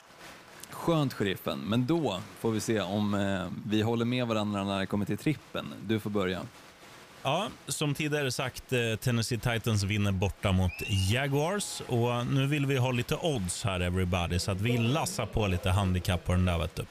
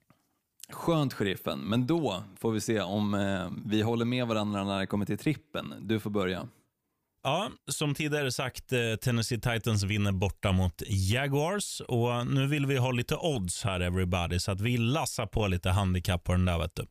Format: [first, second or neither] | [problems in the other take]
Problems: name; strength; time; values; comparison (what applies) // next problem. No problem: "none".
second | crowd noise; noticeable; throughout; 15 dB below the speech